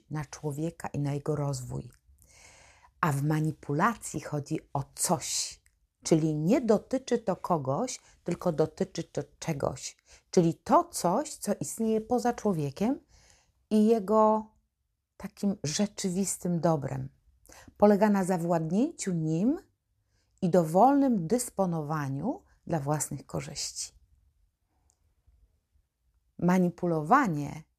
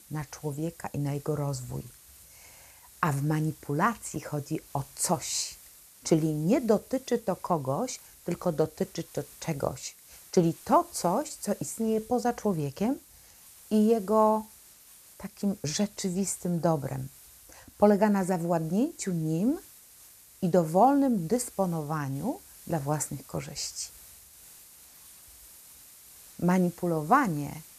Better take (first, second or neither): first